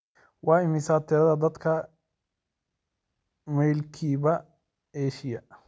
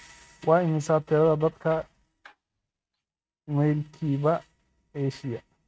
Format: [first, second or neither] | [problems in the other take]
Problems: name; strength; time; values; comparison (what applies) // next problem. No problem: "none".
first | noise reduction (neural mask model RNNoise)